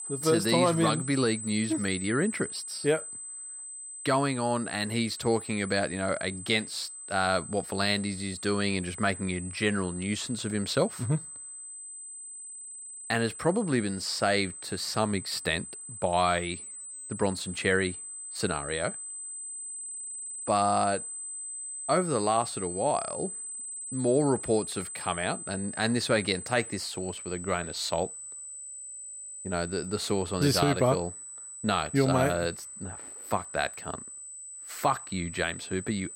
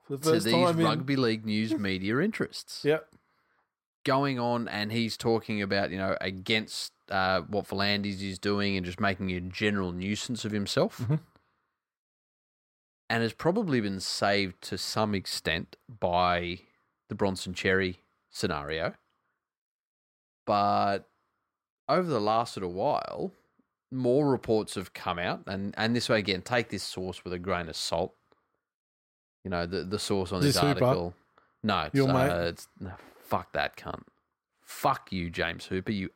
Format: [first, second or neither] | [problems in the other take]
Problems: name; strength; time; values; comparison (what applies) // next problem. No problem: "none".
second | high-pitched whine; loud; throughout; 8 kHz, 9 dB below the speech